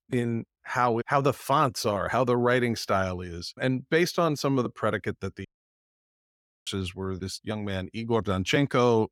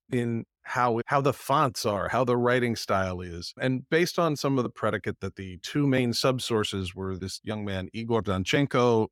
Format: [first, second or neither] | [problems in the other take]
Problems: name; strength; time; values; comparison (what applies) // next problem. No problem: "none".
second | audio cutting out; at 5.5 s for 1 s